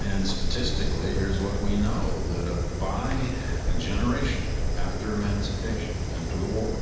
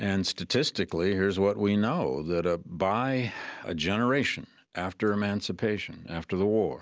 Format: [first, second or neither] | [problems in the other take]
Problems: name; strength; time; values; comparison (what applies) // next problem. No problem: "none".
second | background sound (Fire); 4 dB above the speech // room echo; dies away in 1.1 s